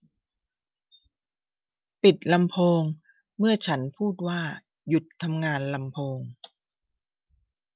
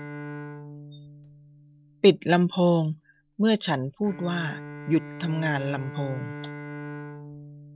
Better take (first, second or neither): first